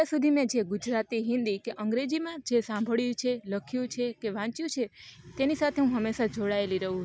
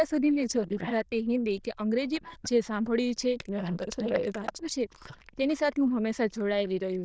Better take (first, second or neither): first